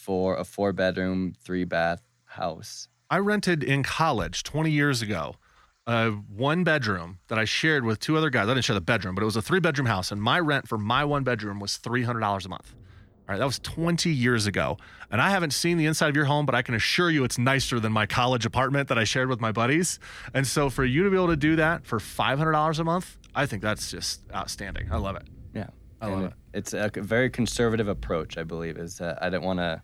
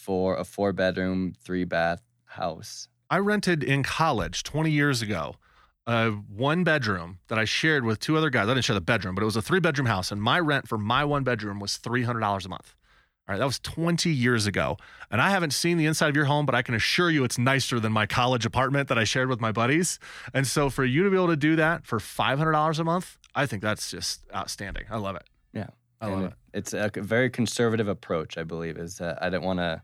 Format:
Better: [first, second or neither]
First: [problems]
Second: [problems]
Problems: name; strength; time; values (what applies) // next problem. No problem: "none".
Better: second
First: rain or running water; faint; throughout; 20 dB below the speech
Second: none